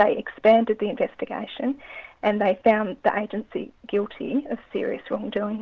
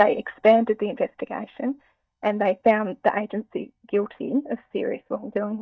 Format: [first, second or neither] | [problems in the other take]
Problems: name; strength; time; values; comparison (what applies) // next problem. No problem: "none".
first | noise reduction (neural mask model DeepFilterNet 3)